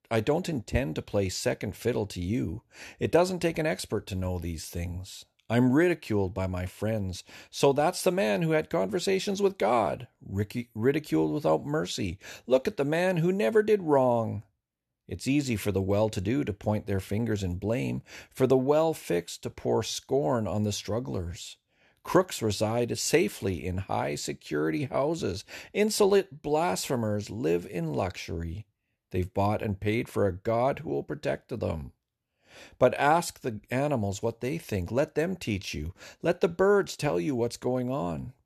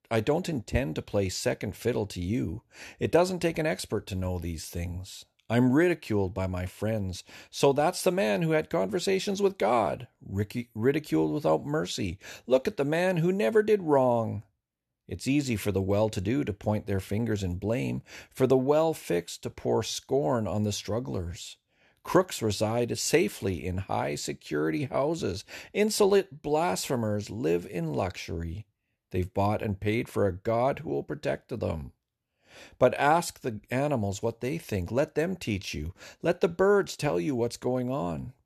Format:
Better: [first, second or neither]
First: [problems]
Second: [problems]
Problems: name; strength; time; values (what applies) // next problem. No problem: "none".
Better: neither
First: none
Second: none